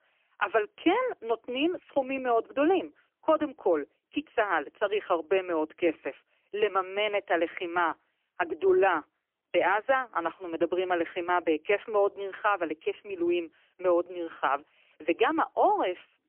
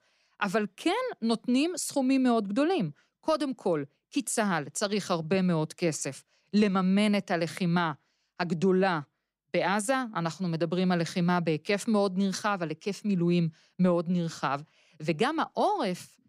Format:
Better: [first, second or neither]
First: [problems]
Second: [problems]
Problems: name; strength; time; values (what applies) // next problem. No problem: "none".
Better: second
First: phone-call audio; poor line; nothing above 3 kHz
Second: none